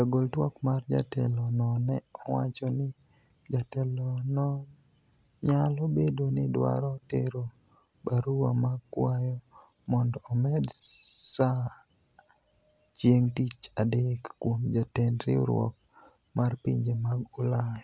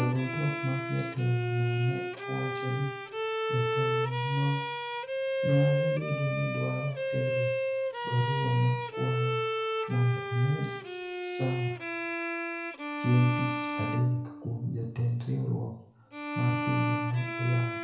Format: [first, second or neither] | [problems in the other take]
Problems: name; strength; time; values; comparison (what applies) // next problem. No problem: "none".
first | background sound (Bowed string instrument); 2 dB below the speech // room echo; dies away in 0.5 s